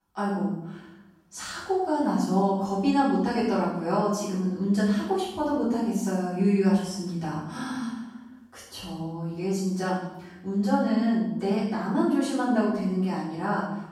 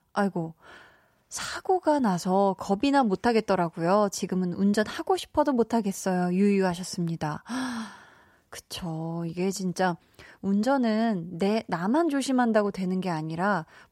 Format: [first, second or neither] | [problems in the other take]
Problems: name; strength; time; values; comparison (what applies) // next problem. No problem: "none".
second | off-mic speech; far // room echo; strong; dies away in 0.8 s